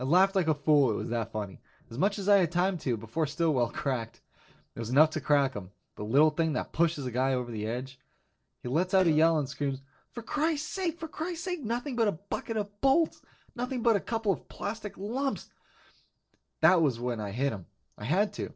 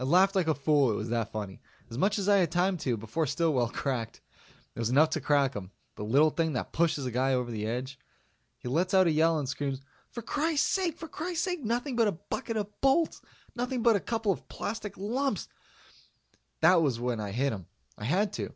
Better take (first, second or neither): second